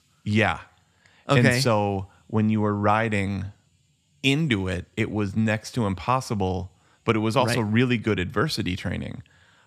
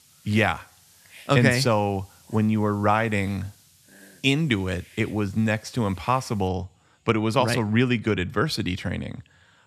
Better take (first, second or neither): first